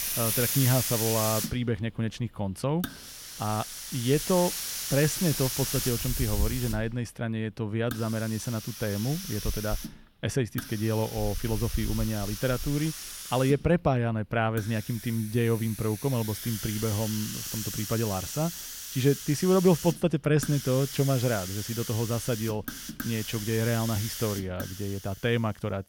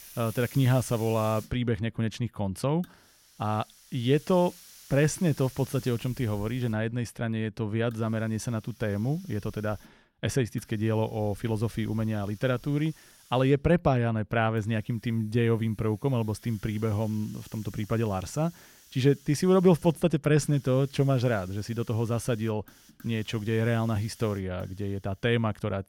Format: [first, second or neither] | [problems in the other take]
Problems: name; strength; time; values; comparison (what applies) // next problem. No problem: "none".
second | hiss; loud; throughout; 5 dB below the speech; faint in the second